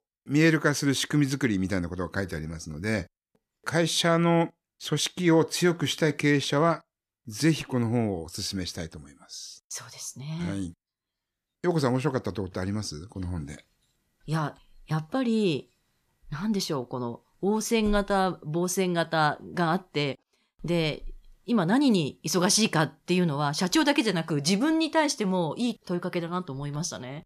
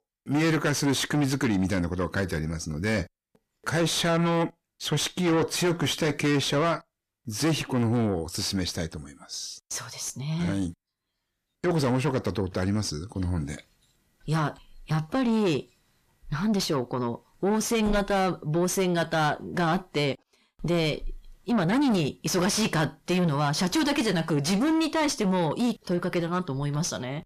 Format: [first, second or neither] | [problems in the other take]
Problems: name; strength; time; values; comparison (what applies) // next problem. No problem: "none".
first | distortion; heavy; 7 dB below the speech